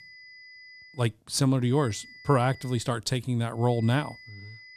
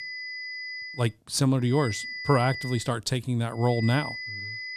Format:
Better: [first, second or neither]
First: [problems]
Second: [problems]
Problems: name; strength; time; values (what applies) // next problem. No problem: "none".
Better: first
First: high-pitched whine; faint; at the start, from 2 to 3 s and from 3.5 s on; 2 kHz, 20 dB below the speech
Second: high-pitched whine; loud; at the start, from 2 to 3 s and from 3.5 s on; 2 kHz, 9 dB below the speech